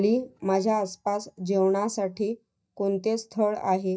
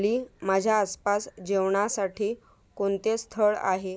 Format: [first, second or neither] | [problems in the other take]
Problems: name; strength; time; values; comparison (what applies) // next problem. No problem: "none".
second | noise reduction (neural mask model DeepFilterNet 3)